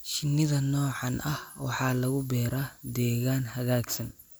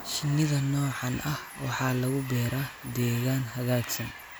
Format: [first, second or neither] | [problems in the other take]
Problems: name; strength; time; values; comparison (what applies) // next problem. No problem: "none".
first | background sound (Train); 14 dB below the speech